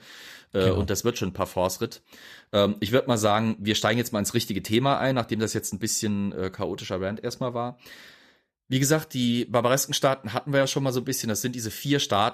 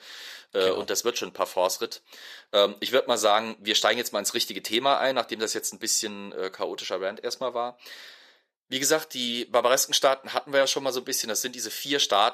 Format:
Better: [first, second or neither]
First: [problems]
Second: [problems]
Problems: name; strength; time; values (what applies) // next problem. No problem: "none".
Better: first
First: none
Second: thin; somewhat; fading below 500 Hz